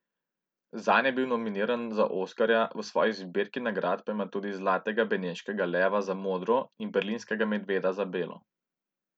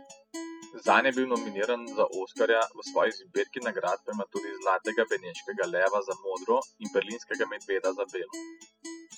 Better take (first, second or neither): first